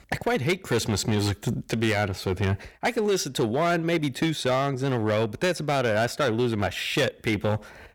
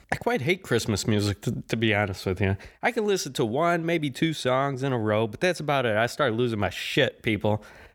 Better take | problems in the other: second | distortion; slight; 9% of the sound clipped

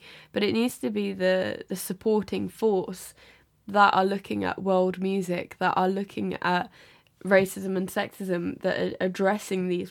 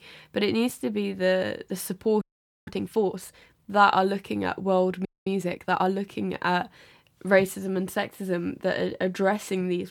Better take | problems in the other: first | audio freezing; at 2 s and at 5 s

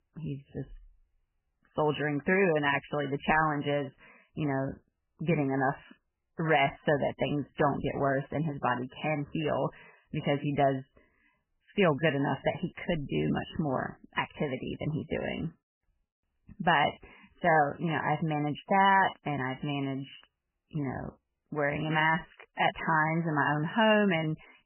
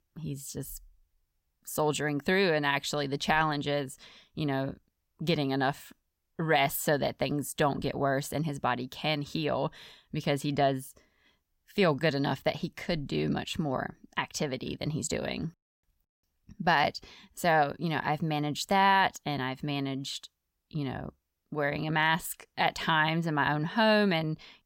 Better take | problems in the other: second | garbled, watery; badly; nothing above 3 kHz

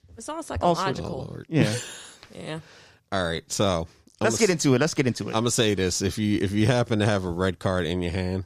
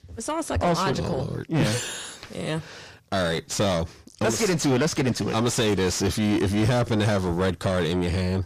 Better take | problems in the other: first | distortion; heavy; 6 dB below the speech

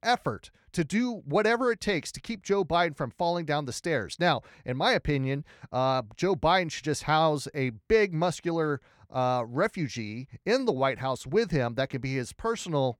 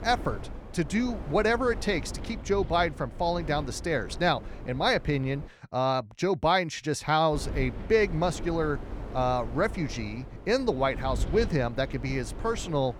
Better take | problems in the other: first | wind noise on the microphone; occasional gusts; until 5.5 s and from 7.5 s on; 15 dB below the speech

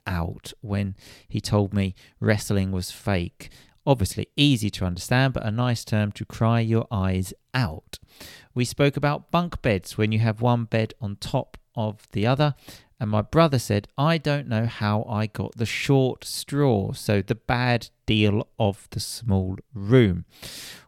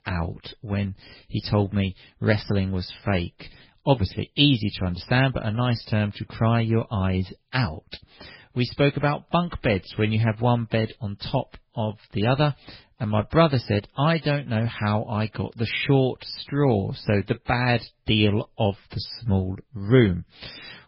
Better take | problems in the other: first | garbled, watery; badly; nothing above 5.5 kHz

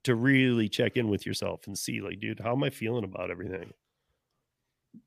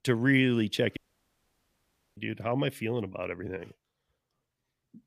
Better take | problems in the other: first | audio cutting out; at 1 s for 1 s

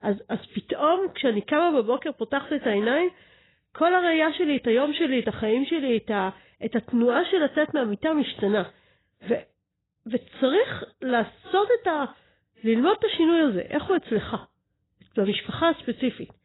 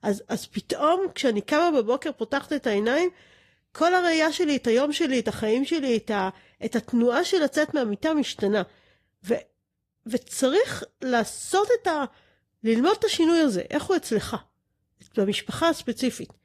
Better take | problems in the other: second | garbled, watery; badly; nothing above 4 kHz; slightly in the second

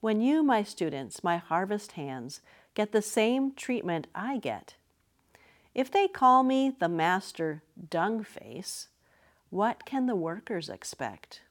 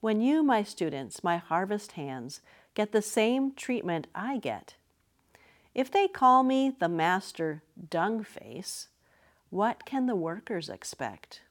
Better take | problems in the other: neither | none

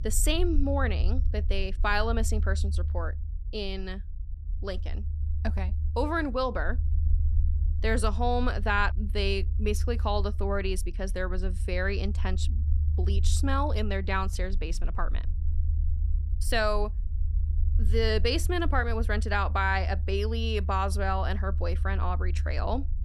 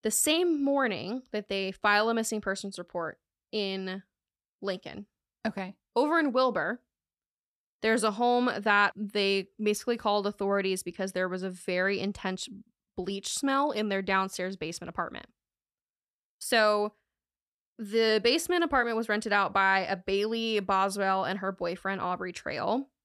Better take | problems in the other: second | low rumble; noticeable; throughout; 20 dB below the speech

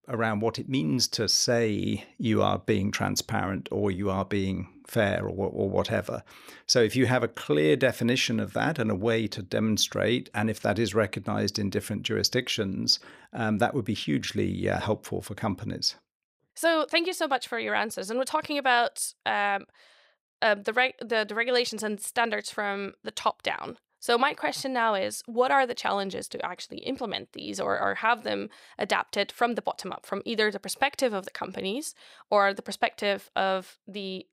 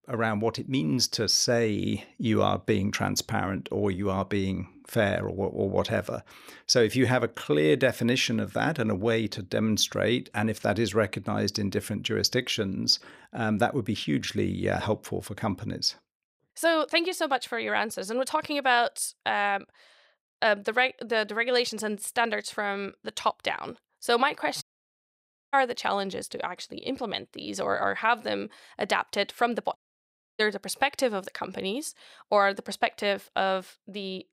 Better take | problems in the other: first | audio cutting out; at 25 s for 1 s and at 30 s for 0.5 s

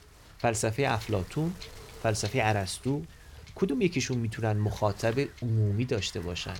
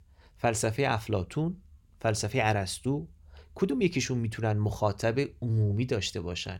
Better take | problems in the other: second | wind noise on the microphone; occasional gusts; 15 dB below the speech

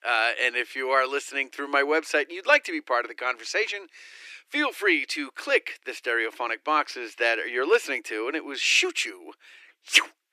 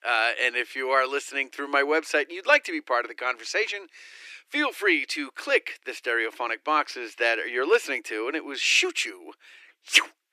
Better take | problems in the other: neither | thin; very; fading below 300 Hz; the same in both

